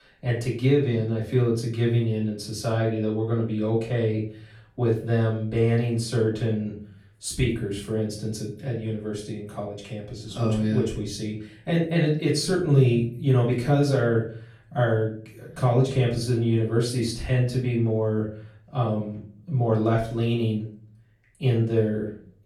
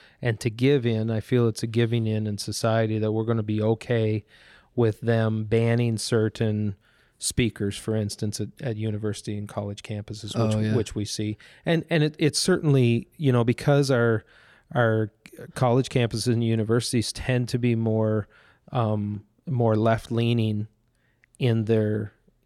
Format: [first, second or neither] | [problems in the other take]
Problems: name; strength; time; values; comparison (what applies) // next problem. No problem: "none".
second | off-mic speech; far // room echo; slight; dies away in 0.4 s